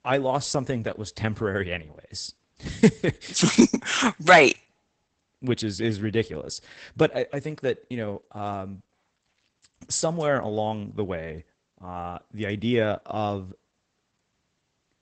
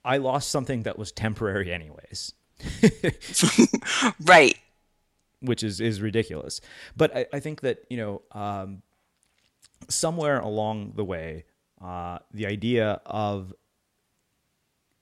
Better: second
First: garbled, watery; badly; nothing above 8 kHz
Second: none

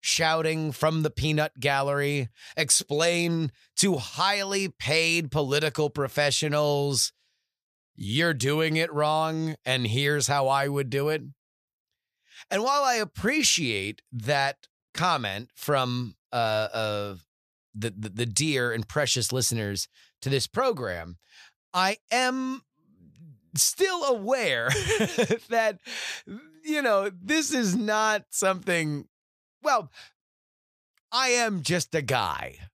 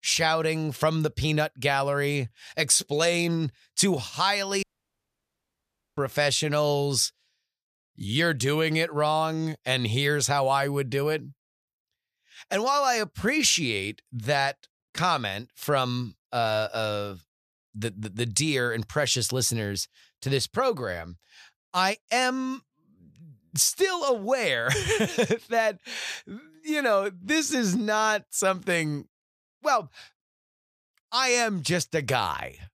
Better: first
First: none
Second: audio cutting out; at 4.5 s for 1.5 s

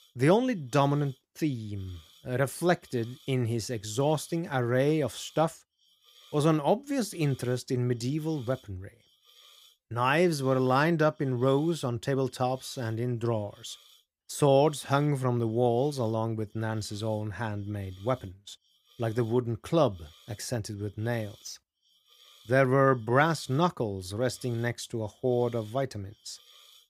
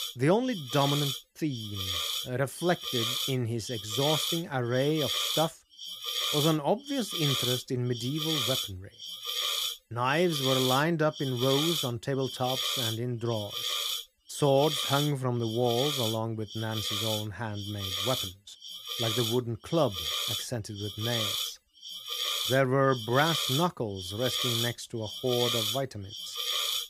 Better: first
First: hiss; faint; throughout; 30 dB below the speech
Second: hiss; loud; throughout; 1 dB below the speech

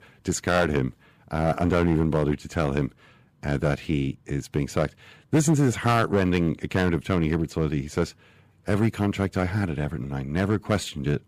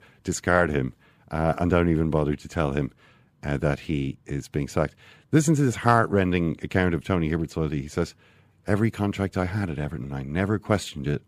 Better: second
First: distortion; slight; 3% of the sound clipped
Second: none

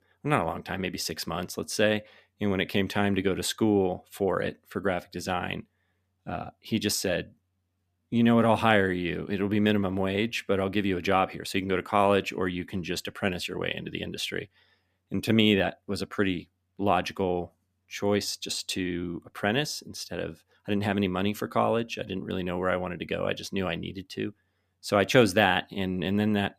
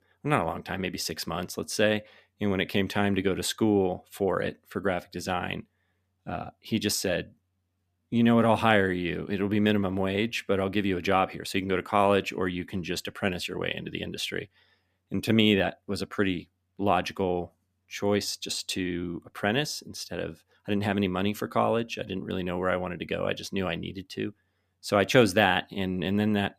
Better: neither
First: none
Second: none

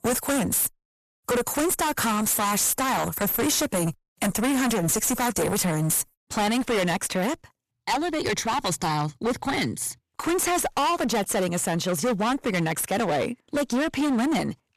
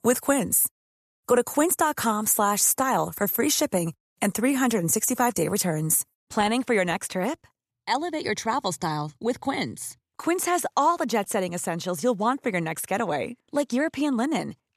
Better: second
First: distortion; heavy; 26% of the sound clipped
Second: none

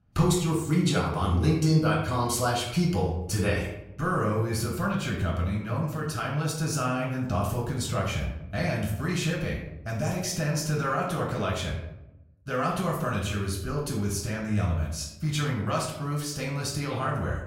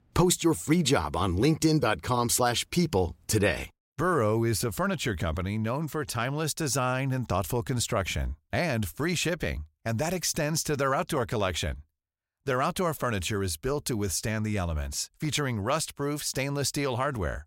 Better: second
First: off-mic speech; far // room echo; noticeable; dies away in 0.7 s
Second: none

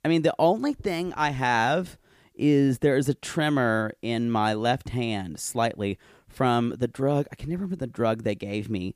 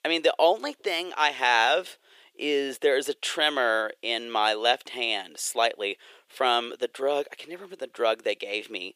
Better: first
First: none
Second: thin; very; fading below 450 Hz

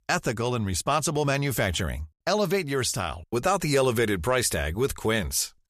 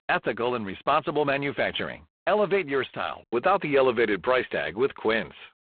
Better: first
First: none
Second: phone-call audio; poor line; nothing above 3.5 kHz

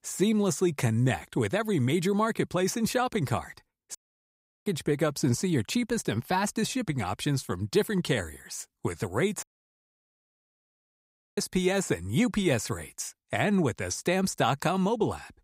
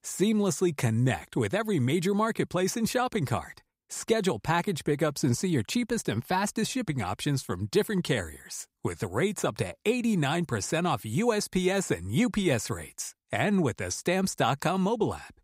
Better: second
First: audio cutting out; at 4 s for 0.5 s and at 9.5 s for 2 s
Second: none

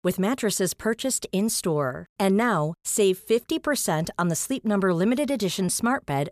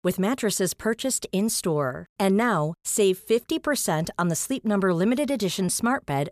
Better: neither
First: none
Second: none

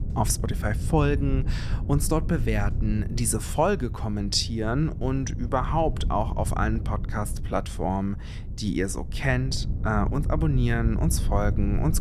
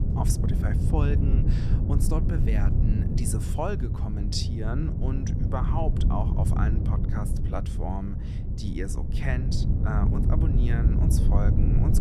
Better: first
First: wind noise on the microphone; occasional gusts; 15 dB below the speech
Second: wind noise on the microphone; heavy; 3 dB below the speech

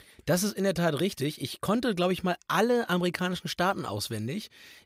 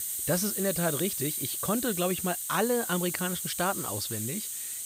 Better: first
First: none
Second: hiss; loud; throughout; 1 dB below the speech

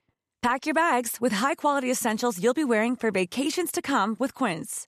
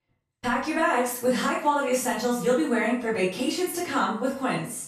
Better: first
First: none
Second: off-mic speech; far // room echo; noticeable; dies away in 0.4 s

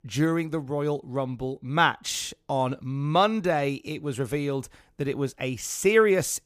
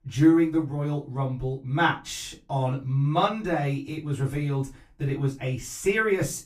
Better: first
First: none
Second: off-mic speech; far // room echo; very slight; dies away in 0.2 s

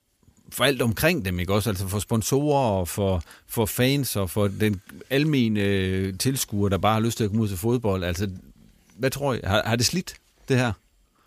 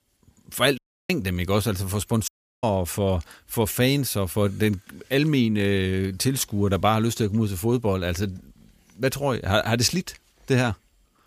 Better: first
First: none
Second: audio cutting out; at 1 s and at 2.5 s

